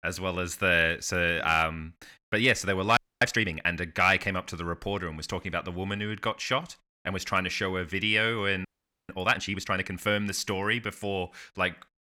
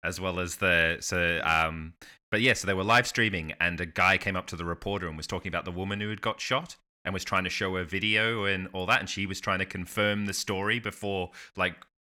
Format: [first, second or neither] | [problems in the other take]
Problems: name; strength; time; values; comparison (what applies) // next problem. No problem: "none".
second | audio freezing; at 3 s and at 8.5 s